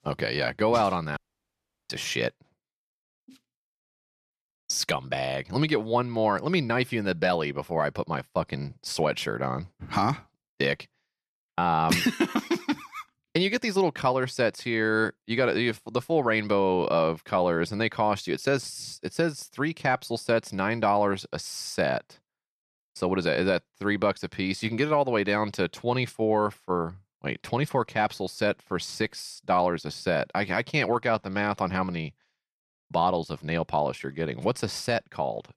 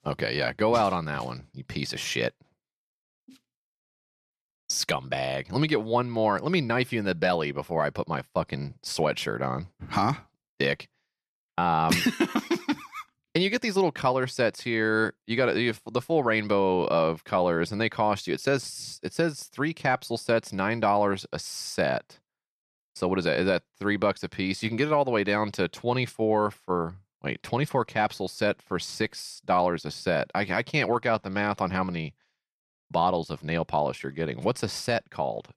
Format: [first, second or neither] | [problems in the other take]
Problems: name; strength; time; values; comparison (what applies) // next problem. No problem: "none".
second | audio cutting out; at 1 s for 0.5 s